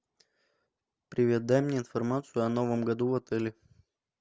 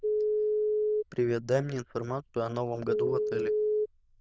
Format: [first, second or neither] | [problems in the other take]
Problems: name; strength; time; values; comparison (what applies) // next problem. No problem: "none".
first | noise reduction (neural diffusion model UNIVERSE++)